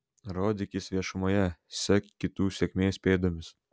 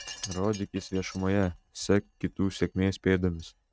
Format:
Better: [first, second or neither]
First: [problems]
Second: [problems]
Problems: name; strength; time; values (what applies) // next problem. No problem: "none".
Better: first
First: none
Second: noise reduction (neural mask model RNNoise)